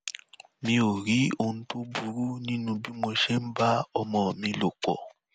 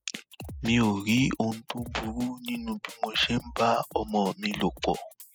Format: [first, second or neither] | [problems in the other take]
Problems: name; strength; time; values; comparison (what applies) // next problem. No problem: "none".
first | noise reduction (classical method spectral subtraction)